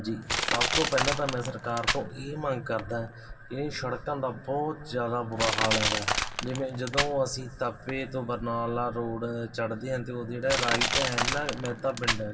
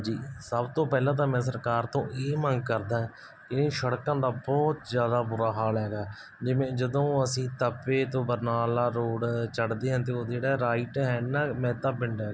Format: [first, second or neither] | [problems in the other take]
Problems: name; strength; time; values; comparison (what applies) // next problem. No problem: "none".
second | background sound (Crushing); 2 dB below the speech // room echo; dies away in 2.2 s